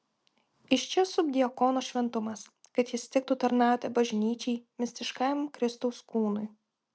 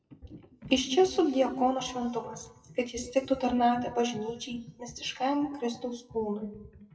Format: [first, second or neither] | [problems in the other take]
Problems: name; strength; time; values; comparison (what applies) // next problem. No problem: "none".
first | noise reduction (classical method WPE with log-MMSE)